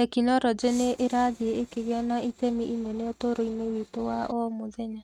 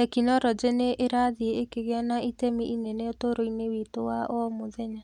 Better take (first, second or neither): second